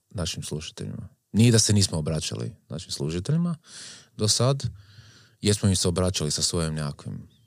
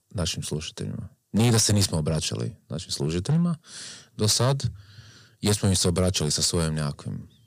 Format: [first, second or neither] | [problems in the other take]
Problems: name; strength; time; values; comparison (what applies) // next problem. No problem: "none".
first | distortion; slight; 6% of the sound clipped